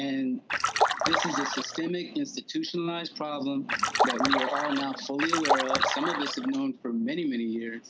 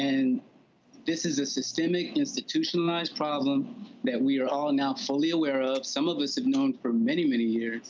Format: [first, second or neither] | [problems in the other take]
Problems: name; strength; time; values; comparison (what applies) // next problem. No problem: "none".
second | background sound (Splash, splatter); 3 dB above the speech